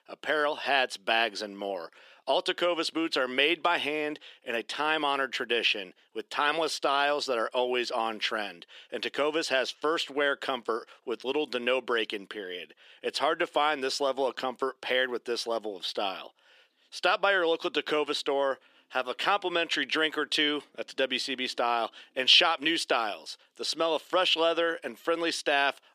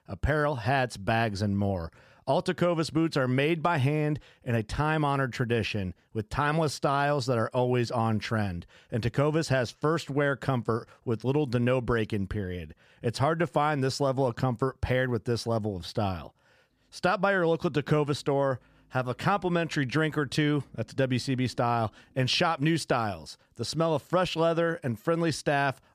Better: second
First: thin; somewhat; fading below 300 Hz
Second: none

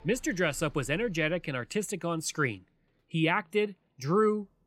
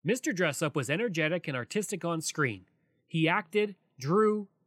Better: second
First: traffic noise; faint; throughout; 30 dB below the speech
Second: none

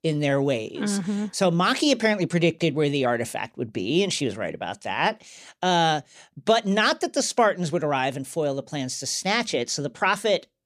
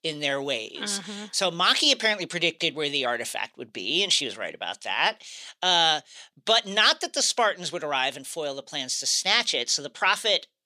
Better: first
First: none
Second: thin; somewhat; fading below 1 kHz

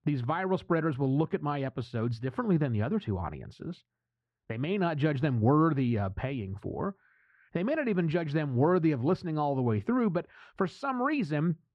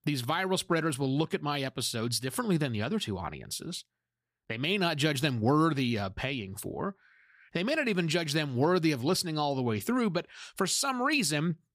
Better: second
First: muffled; very; fading above 1.5 kHz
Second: none

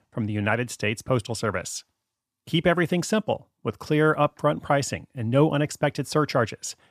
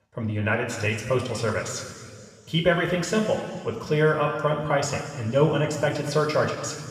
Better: first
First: none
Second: room echo; noticeable; dies away in 2.1 s // off-mic speech; somewhat distant

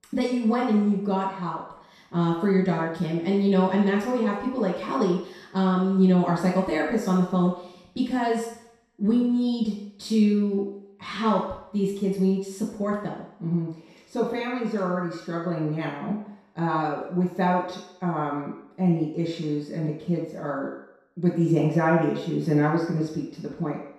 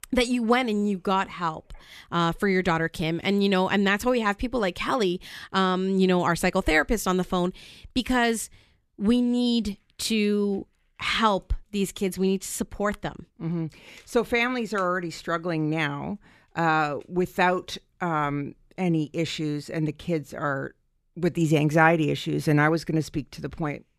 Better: second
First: room echo; noticeable; dies away in 0.7 s // off-mic speech; far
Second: none

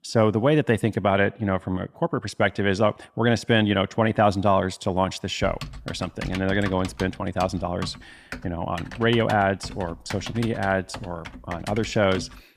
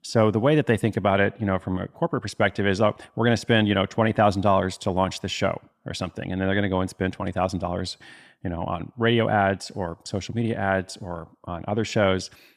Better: second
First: keyboard typing; faint; from 5.5 s on; peak 10 dB below the speech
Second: none

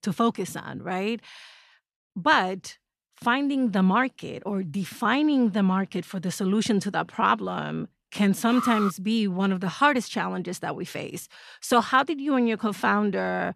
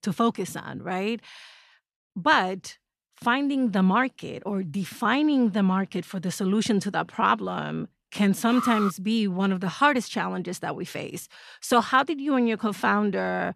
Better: neither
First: alarm; noticeable; at 8.5 s; peak 4 dB below the speech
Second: alarm; noticeable; at 8.5 s; peak 4 dB below the speech

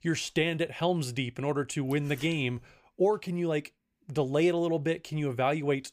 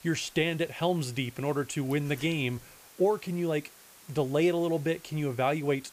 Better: first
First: none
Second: hiss; faint; throughout; 20 dB below the speech

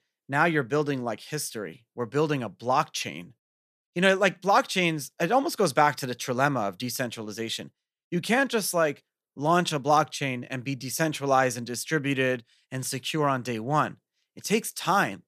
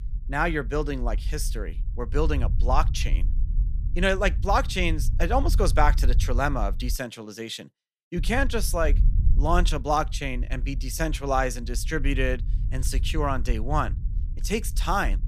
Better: first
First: none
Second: low rumble; faint; until 7 s and from 8 s on; 20 dB below the speech

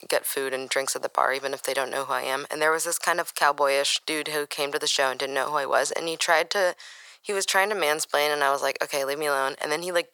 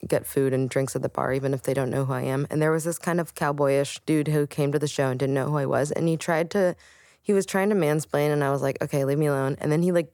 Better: second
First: thin; very; fading below 900 Hz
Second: none

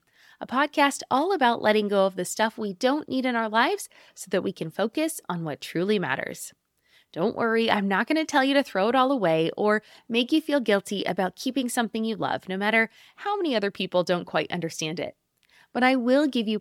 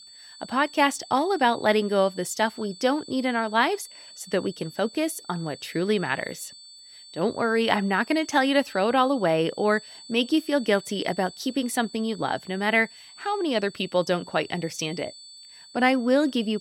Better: first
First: none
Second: high-pitched whine; noticeable; throughout; 4.5 kHz, 20 dB below the speech

